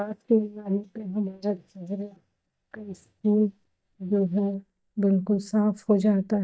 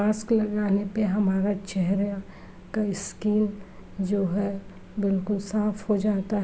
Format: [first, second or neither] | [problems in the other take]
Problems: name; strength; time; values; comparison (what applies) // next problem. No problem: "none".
second | noise reduction (neural mask model DeepFilterNet 3)